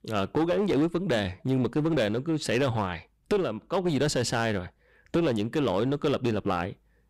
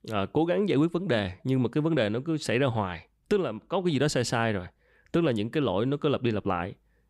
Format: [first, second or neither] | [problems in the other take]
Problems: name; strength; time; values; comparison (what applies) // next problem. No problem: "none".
second | distortion; slight; 9% of the sound clipped